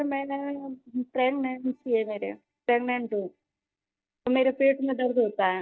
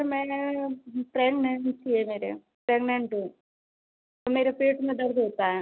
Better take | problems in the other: second | noise reduction (neural mask model DeepFilterNet 3)

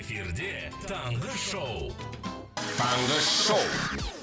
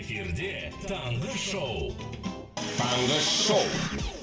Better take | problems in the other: first | room echo; dies away in 0.5 s

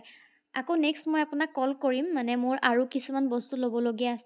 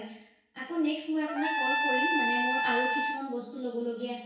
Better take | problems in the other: first | background sound (Trumpet); 4 dB above the speech // room echo; dies away in 0.6 s

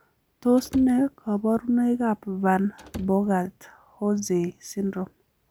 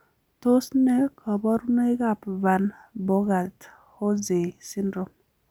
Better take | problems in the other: second | background sound (Slam / Wood); 17 dB below the speech

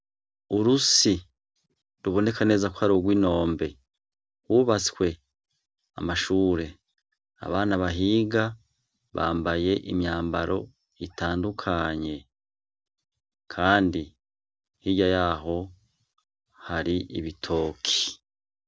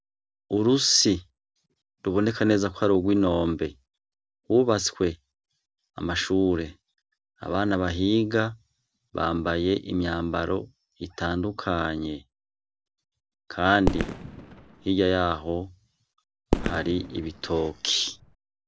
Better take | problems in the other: first | background sound (Fireworks); 5 dB below the speech

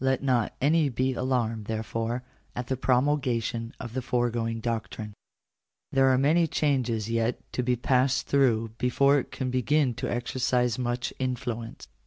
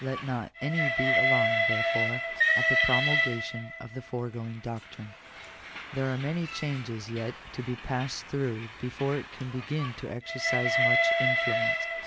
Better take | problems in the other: first | background sound (Train); 4 dB above the speech

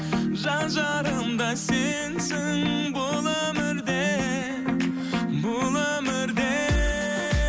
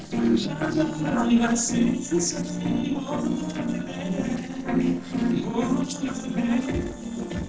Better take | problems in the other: first | noise reduction (neural separator model SepFormer DNS4)

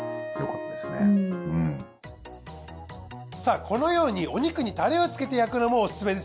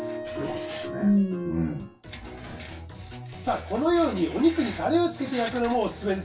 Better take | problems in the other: first | background sound (Screech); 18 dB below the speech // room echo; dies away in 0.2 s

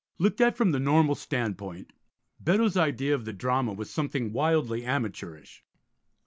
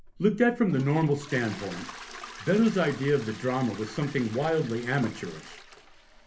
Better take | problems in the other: first | background sound (Toilet flush); 16 dB below the speech // room echo; dies away in 0.3 s

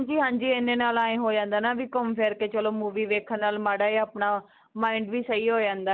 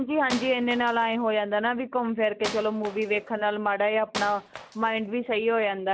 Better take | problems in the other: first | background sound (Wood); 14 dB below the speech

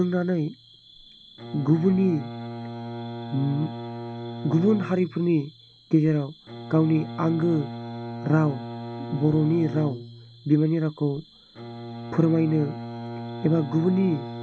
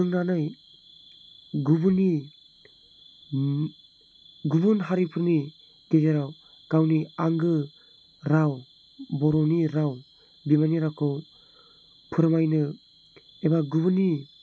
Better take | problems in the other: second | background sound (Bowed string instrument); 11 dB below the speech

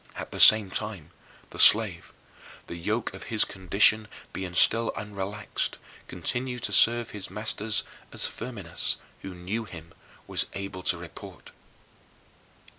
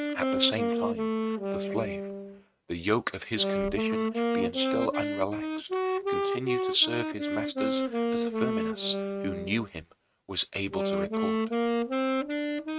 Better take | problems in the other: first | noise reduction (neural mask model RNNoise)

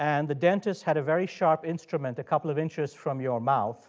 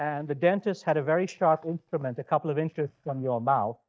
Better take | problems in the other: first | noise reduction (neural mask model DeepFilterNet 3)

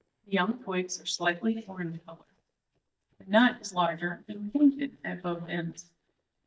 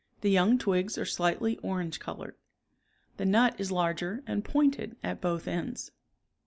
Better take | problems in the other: second | noise reduction (neural mask model DeepFilterNet 3)

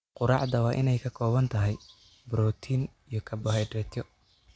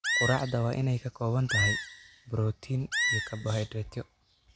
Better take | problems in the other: first | background sound (Animal); 3 dB below the speech

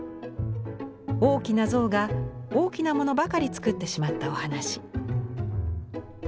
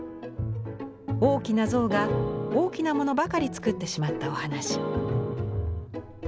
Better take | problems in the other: first | background sound (Keyboard (musical)); 4 dB below the speech

